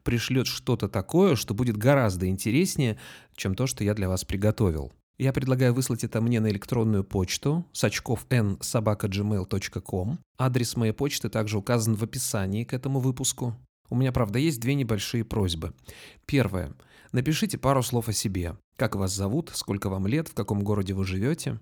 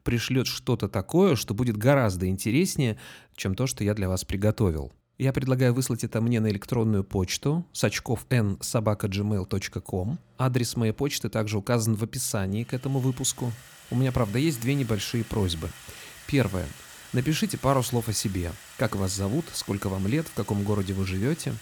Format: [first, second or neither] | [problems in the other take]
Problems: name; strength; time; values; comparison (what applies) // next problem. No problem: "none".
first | household noises; noticeable; throughout; 20 dB below the speech